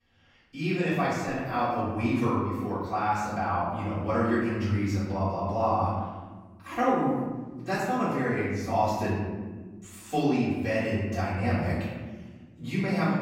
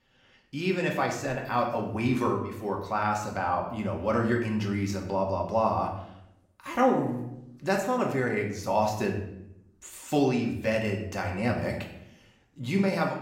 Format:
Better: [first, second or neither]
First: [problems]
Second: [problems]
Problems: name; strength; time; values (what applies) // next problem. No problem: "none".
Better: second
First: room echo; strong; dies away in 1.4 s // off-mic speech; far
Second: room echo; slight; dies away in 0.6 s // off-mic speech; somewhat distant